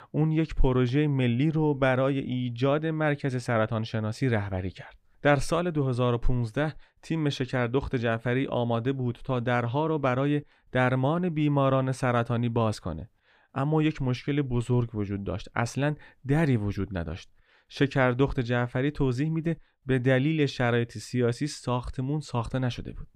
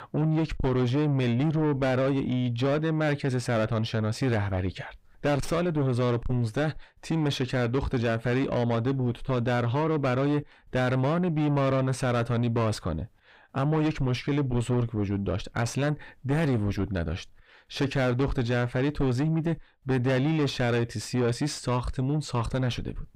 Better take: first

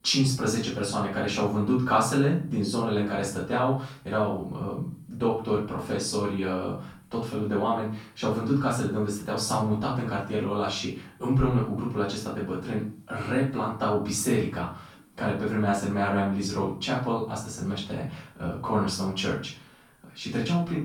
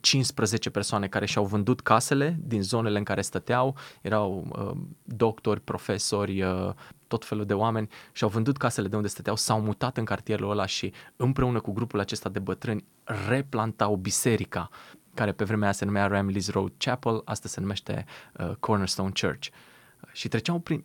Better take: second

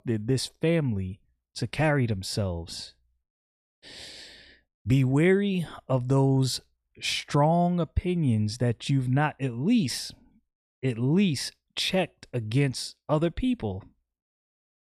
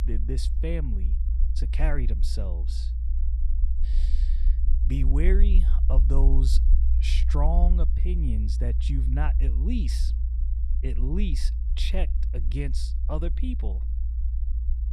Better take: first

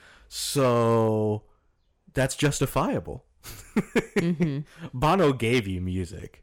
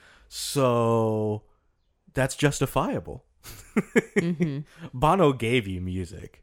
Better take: second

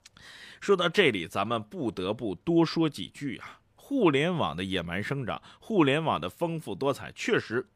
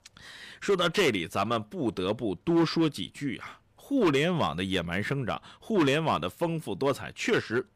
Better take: first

